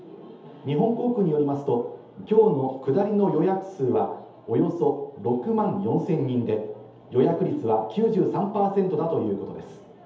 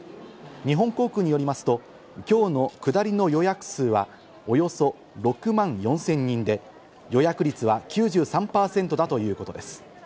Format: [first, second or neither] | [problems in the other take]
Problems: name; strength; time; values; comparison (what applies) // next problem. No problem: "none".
second | room echo; dies away in 0.8 s